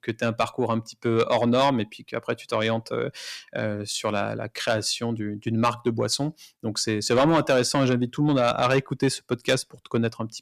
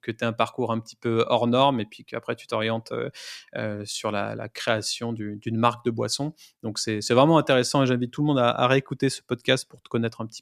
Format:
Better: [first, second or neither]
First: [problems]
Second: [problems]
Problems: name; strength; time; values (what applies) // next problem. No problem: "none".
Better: second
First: distortion; slight; 10 dB below the speech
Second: none